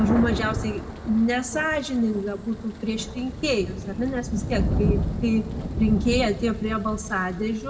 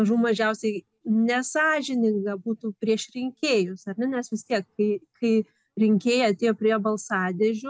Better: second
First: background sound (Thunder); 4 dB below the speech // room echo; dies away in 1.1 s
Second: none

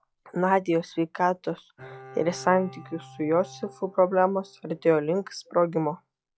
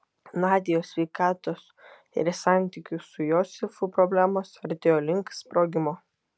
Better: second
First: noise reduction (classical method log-MMSE)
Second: none

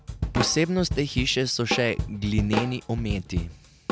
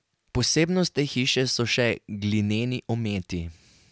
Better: second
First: background sound (Drum kit); 4 dB below the speech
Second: none

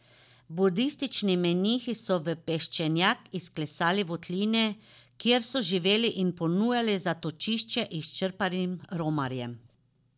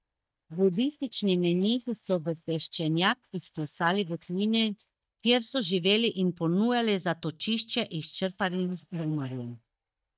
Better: first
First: none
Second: noise reduction (neural mask model DeepFilterNet 3)

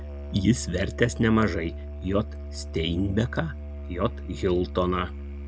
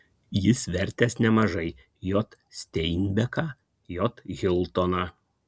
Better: second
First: background sound (Musical instrument); 9 dB below the speech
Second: none

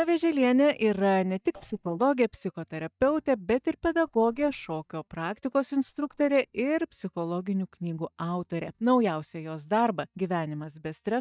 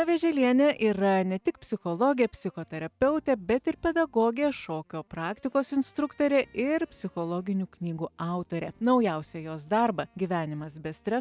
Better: second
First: noise reduction (neural mask model DeepFilterNet 3)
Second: none

